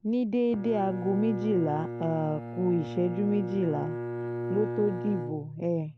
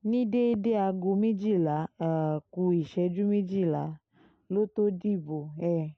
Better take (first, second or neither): second